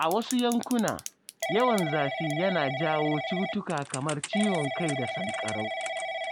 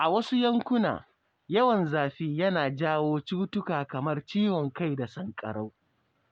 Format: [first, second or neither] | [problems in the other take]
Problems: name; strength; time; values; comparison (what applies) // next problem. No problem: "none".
second | background sound (Telephone / Typing); 5 dB below the speech